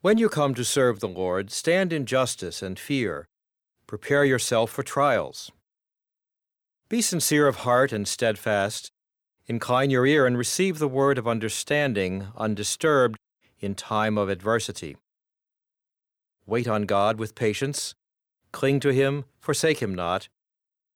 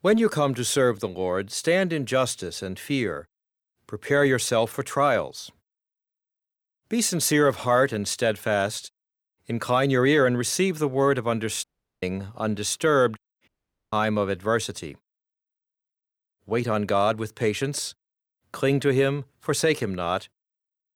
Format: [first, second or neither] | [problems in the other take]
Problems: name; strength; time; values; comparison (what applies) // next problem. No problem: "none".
first | audio cutting out; at 12 s and at 13 s